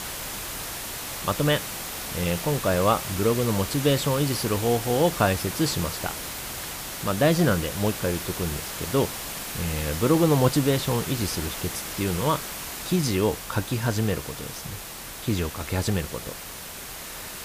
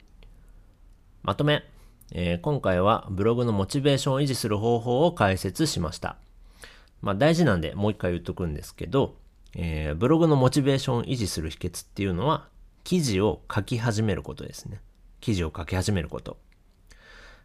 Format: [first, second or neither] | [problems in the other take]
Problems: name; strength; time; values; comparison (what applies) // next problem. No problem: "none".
second | hiss; loud; throughout; 7 dB below the speech